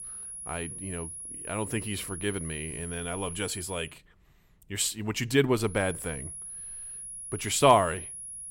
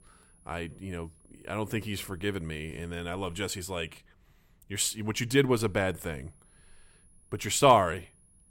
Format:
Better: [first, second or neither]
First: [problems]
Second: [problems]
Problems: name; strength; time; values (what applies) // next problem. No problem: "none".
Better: second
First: high-pitched whine; loud; until 4 s and from 5.5 s on; 10.5 kHz, 9 dB below the speech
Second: high-pitched whine; faint; until 4 s and from 5.5 s on; 10.5 kHz, 30 dB below the speech